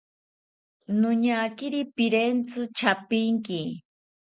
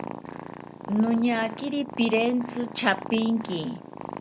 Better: first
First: none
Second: background sound (Purr); 11 dB below the speech

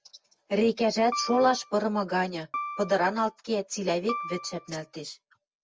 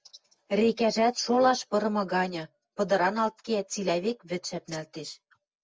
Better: second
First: background sound (Piano); 11 dB below the speech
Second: none

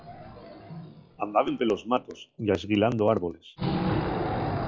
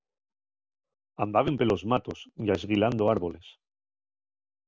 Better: second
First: noise reduction (classical method log-MMSE)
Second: none

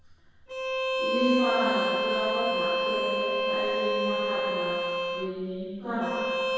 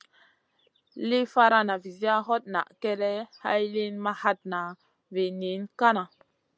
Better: second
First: background sound (Bowed string instrument); 4 dB above the speech // room echo; dies away in 2 s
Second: none

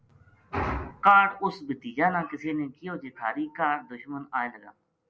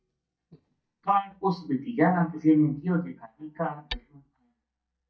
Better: first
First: none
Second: noise reduction (neural mask model DeepFilterNet 3)

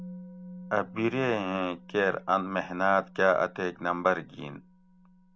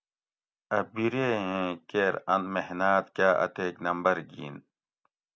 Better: second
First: background sound (Musical instrument); 18 dB below the speech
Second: none

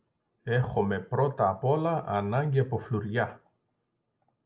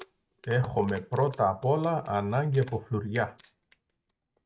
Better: first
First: none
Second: noise reduction (neural mask model RNNoise)

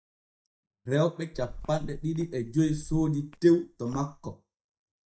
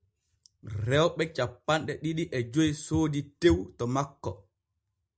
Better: second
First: noise reduction (neural mask model DeepFilterNet 3)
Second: none

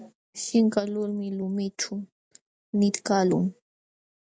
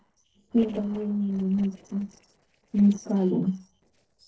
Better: first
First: none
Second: noise reduction (neural separator model SepFormer DNS4)

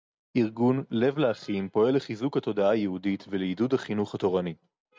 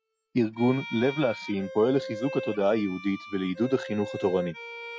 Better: first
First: none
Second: noise reduction (classical method Wiener filter)

